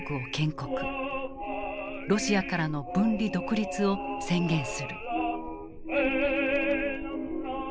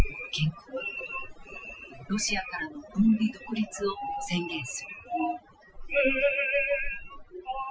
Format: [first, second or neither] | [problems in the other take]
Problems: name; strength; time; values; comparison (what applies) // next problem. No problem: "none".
first | noise reduction (classical method Wiener filter)